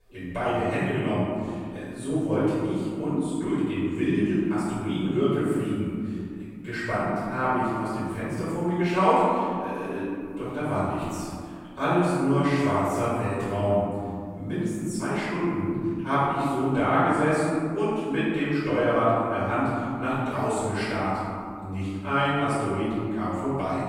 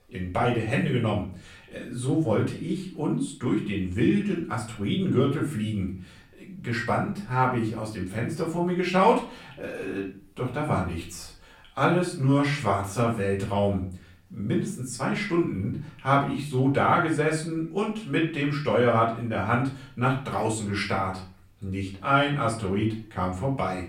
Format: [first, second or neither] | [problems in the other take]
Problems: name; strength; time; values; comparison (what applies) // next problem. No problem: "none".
second | room echo; strong; dies away in 2.1 s; slight in the second // off-mic speech; far; far in the second